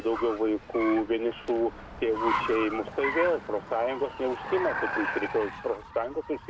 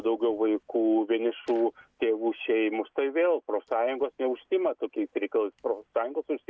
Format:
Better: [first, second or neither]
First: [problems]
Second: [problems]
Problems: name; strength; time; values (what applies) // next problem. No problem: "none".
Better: second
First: background sound (Car); 6 dB below the speech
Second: none